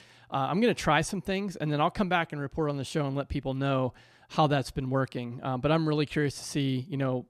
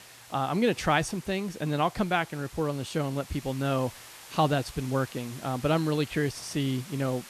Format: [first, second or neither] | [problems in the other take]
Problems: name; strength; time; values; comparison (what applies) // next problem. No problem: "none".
first | hiss; noticeable; throughout; 15 dB below the speech